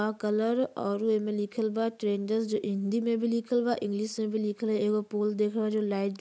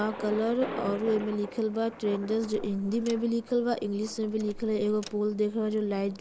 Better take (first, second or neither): first